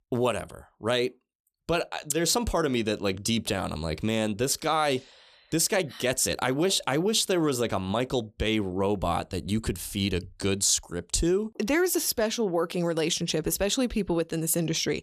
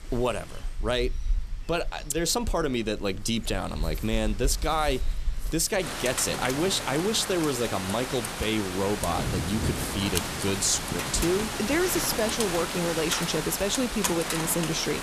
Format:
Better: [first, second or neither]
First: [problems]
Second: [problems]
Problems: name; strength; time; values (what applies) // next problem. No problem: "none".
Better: first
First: none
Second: rain or running water; loud; throughout; 4 dB below the speech